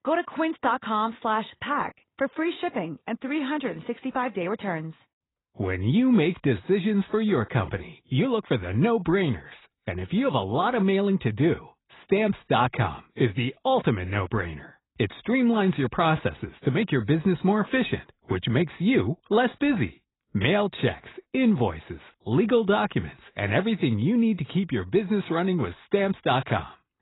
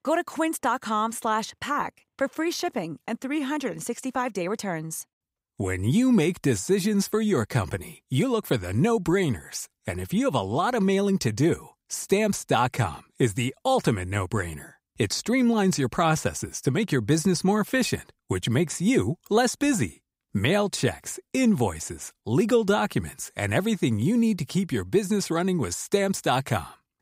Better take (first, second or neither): second